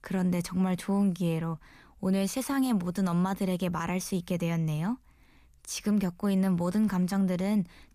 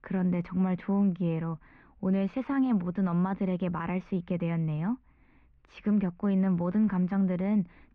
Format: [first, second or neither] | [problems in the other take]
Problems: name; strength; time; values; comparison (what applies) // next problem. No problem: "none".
first | muffled; very; fading above 2.5 kHz